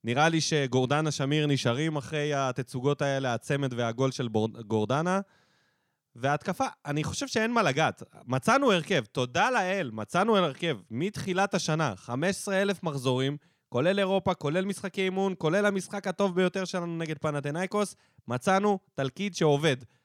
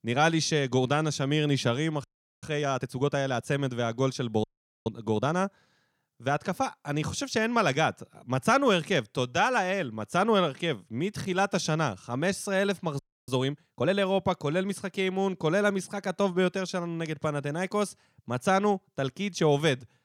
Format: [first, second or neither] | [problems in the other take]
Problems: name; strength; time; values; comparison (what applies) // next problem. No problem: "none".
first | audio freezing; at 2 s, at 4.5 s and at 13 s